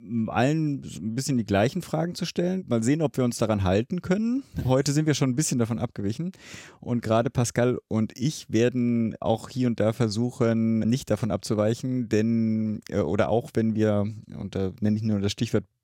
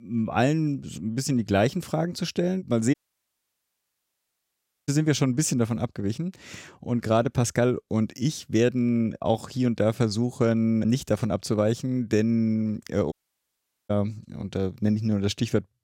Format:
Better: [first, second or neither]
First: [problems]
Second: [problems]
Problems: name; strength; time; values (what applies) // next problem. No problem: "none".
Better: first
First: none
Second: audio cutting out; at 3 s for 2 s and at 13 s for 1 s